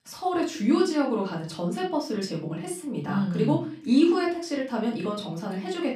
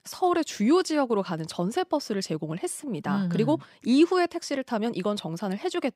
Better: second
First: off-mic speech; far // room echo; slight; dies away in 0.3 s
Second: none

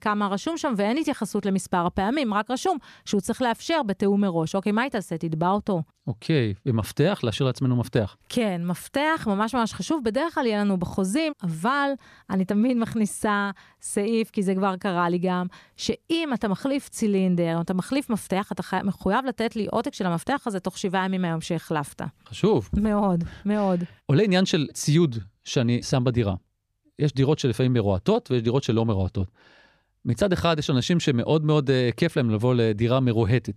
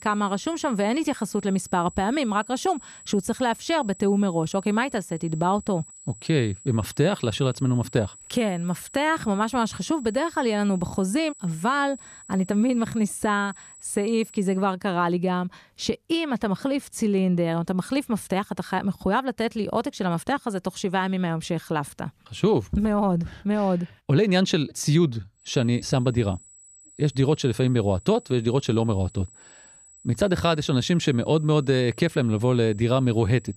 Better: first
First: none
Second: high-pitched whine; faint; until 15 s and from 25 s on; 8 kHz, 20 dB below the speech

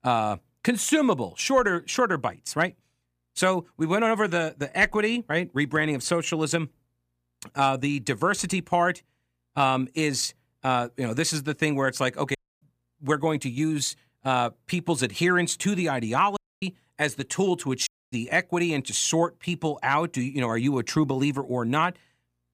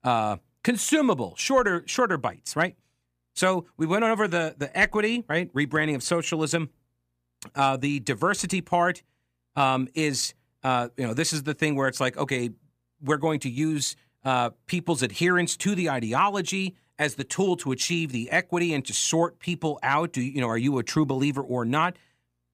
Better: second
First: audio cutting out; at 12 s, at 16 s and at 18 s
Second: none

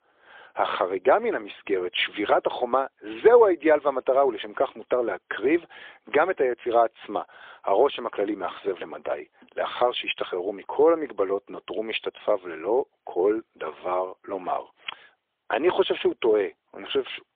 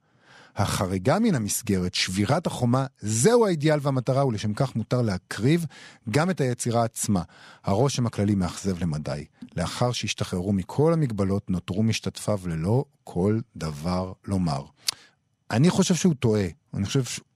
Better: second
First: phone-call audio; poor line; nothing above 3.5 kHz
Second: none

